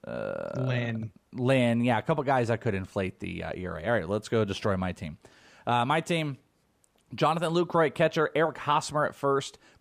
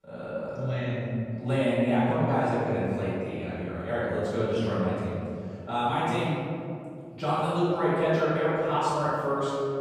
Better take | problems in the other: first | room echo; strong; dies away in 2.6 s // off-mic speech; far

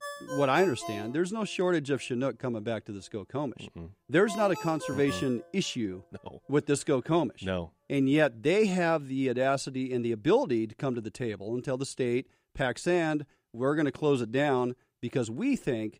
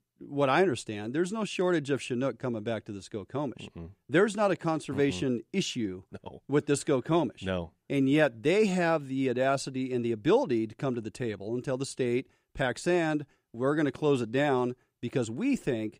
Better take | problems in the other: second | phone ringing; noticeable; until 5.5 s; peak 9 dB below the speech

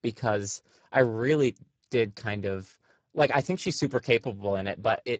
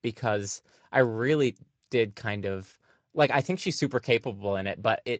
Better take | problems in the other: second | garbled, watery; badly; nothing above 7.5 kHz; slightly in the second

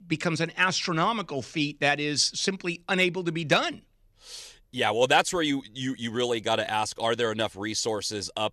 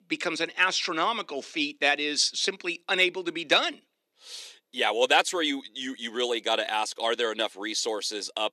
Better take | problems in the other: first | thin; very slightly; fading below 300 Hz

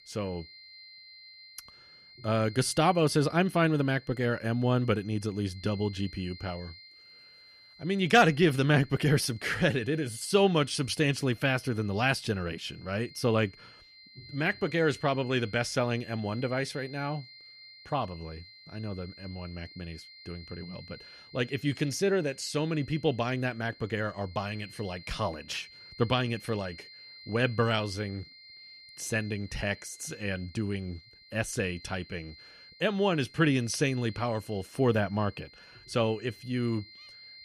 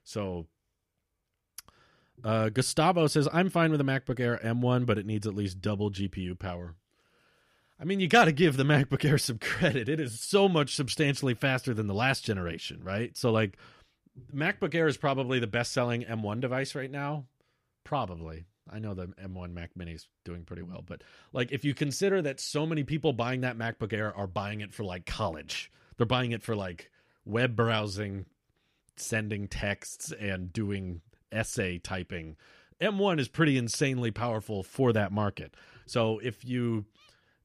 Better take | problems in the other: second | high-pitched whine; faint; throughout; 4 kHz, 20 dB below the speech

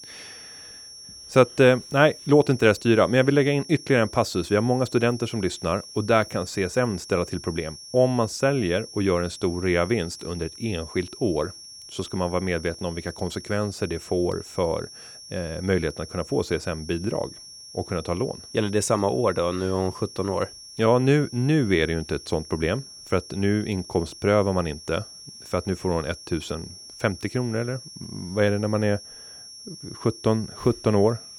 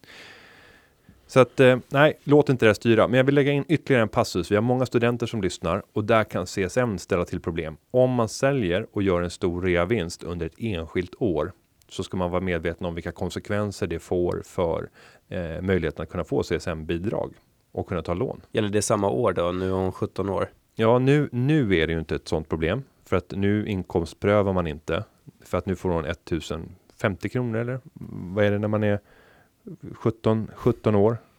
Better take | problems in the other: second | high-pitched whine; noticeable; throughout; 5.5 kHz, 15 dB below the speech

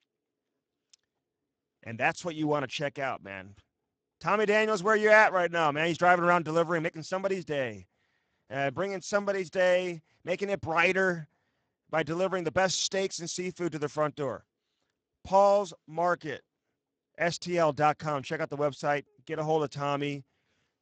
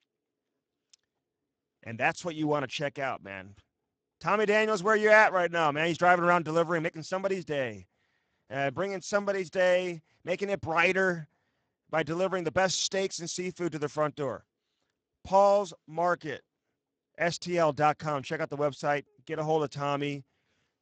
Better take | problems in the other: neither | garbled, watery; badly; nothing above 7.5 kHz; the same in both

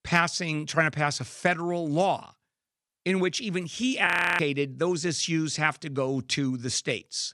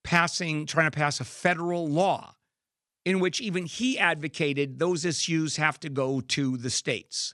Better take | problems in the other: second | audio freezing; at 4 s

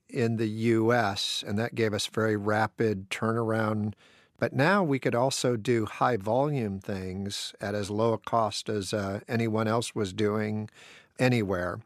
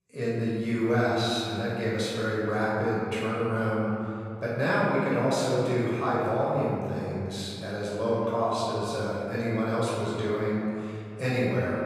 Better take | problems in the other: first | off-mic speech; far // room echo; strong; dies away in 2.4 s

